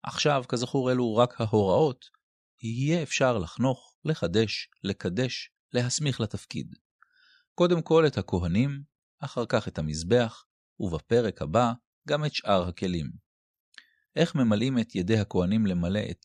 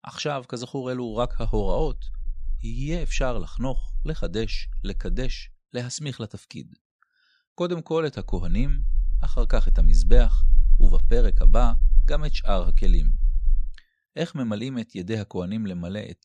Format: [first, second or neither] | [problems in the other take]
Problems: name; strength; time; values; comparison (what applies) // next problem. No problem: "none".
first | low rumble; faint; from 1 to 5.5 s and from 8.5 to 14 s; 25 dB below the speech